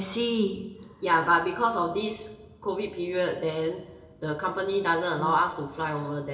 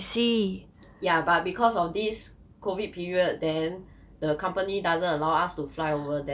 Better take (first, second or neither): second